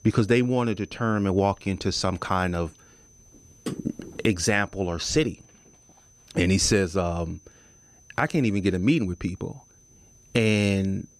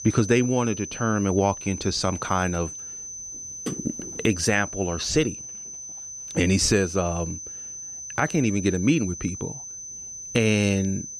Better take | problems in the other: first | high-pitched whine; loud; throughout; 6 kHz, 10 dB below the speech; faint in the first

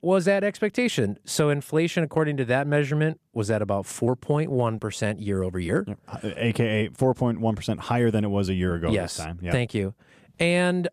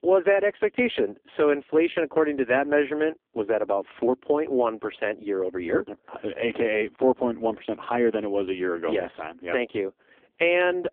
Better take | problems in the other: first | phone-call audio; poor line

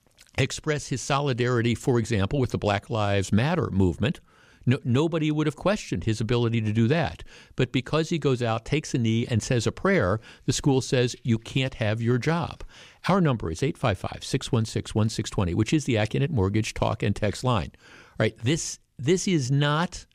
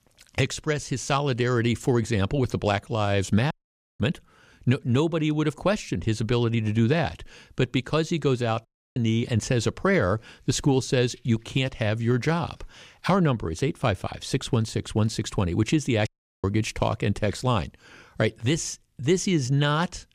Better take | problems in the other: first | audio cutting out; at 3.5 s, at 8.5 s and at 16 s

